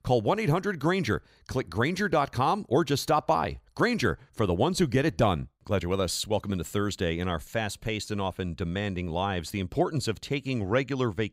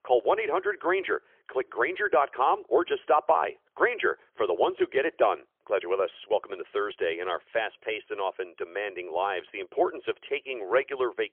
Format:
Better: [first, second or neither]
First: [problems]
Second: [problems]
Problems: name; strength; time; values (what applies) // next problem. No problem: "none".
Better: first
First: none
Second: phone-call audio; poor line; nothing above 3.5 kHz